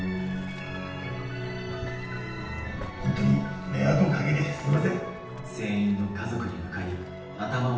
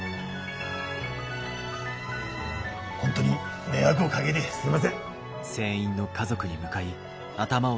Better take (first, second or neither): second